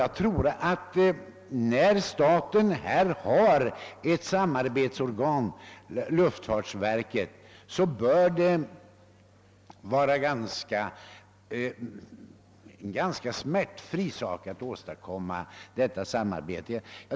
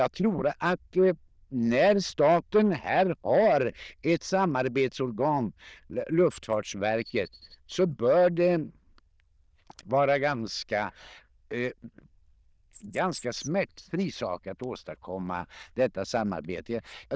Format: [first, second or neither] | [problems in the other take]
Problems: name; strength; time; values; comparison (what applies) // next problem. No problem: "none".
first | noise reduction (neural diffusion model UNIVERSE++)